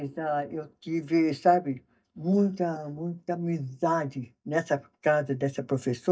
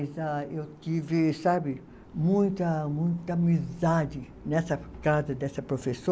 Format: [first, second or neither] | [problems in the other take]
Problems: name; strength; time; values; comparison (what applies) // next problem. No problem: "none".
second | noise reduction (neural mask model DeepFilterNet 3)